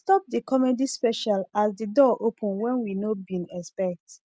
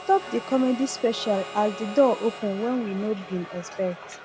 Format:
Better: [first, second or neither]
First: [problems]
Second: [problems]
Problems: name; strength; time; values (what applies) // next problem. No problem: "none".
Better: first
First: none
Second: background sound (Crowd + Harmonica); 13 dB below the speech